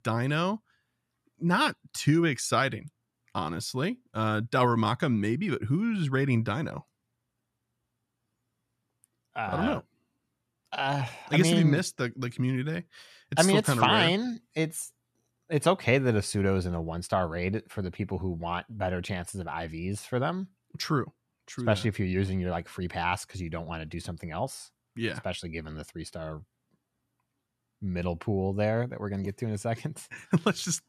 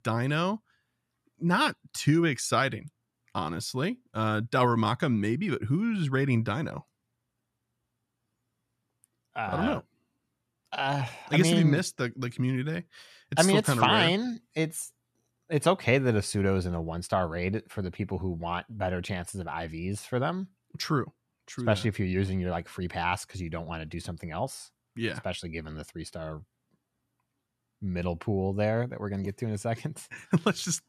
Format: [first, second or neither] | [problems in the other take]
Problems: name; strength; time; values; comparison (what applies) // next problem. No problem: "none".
neither | none